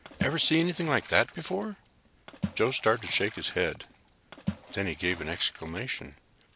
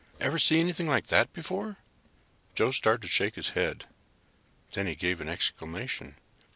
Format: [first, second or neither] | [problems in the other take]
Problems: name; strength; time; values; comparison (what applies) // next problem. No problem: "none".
second | background sound (Water / Splash, splatter); 11 dB below the speech